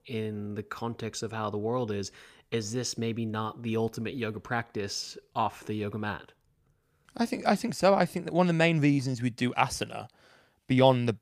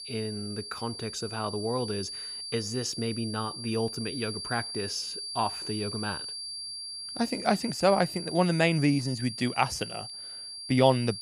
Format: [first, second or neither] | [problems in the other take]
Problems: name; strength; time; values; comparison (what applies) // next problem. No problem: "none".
first | high-pitched whine; loud; throughout; 4.5 kHz, 7 dB below the speech